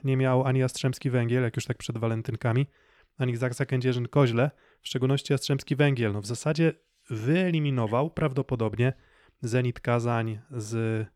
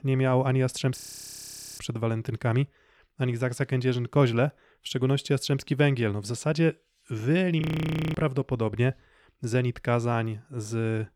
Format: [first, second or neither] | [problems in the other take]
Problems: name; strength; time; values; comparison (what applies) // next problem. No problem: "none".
first | audio freezing; at 1 s for 1 s and at 7.5 s for 0.5 s